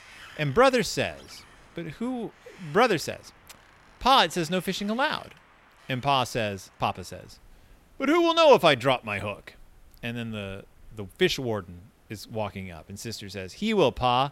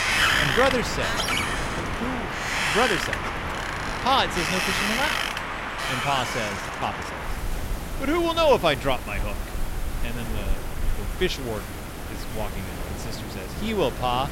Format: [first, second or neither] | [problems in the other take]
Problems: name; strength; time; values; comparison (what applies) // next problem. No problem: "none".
first | wind in the background; loud; throughout; 1 dB below the speech; faint in the first